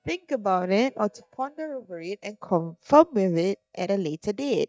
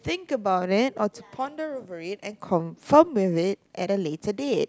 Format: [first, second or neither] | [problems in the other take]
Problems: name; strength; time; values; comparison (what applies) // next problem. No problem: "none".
second | noise reduction (neural mask model DeepFilterNet 3)